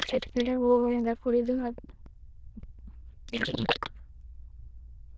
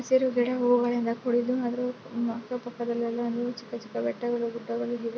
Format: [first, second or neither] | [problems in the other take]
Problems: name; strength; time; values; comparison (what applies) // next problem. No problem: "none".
second | noise reduction (neural diffusion model UNIVERSE++)